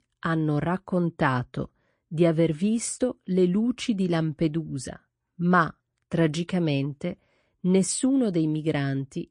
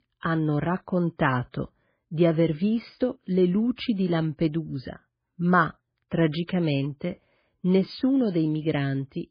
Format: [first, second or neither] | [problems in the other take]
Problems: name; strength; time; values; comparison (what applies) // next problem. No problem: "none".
first | garbled, watery; badly; nothing above 5 kHz; slightly in the first